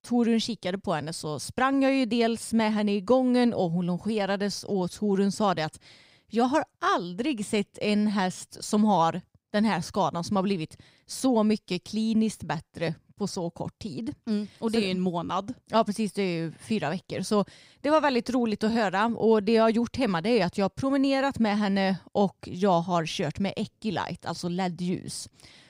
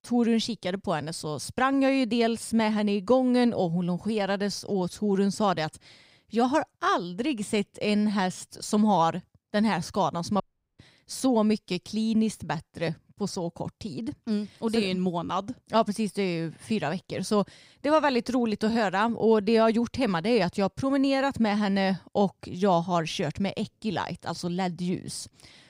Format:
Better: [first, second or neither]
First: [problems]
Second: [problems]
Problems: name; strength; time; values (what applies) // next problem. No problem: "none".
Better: first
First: none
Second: audio cutting out; at 10 s